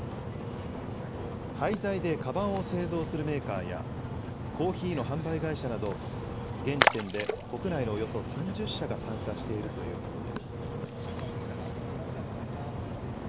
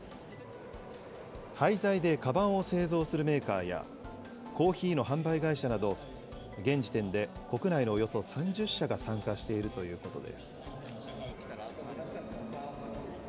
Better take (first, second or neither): second